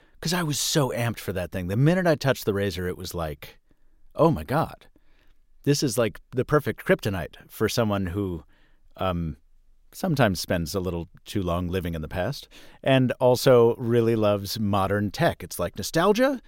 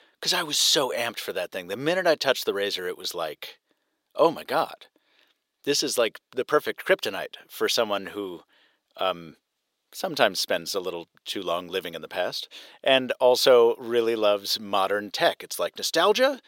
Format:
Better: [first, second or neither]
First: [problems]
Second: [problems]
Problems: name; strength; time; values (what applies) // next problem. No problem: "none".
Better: first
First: none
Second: thin; somewhat; fading below 450 Hz